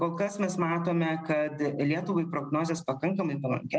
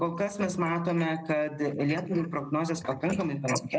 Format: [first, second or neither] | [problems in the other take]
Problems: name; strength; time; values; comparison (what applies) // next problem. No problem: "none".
first | noise reduction (neural mask model Resemble Enhance denoiser)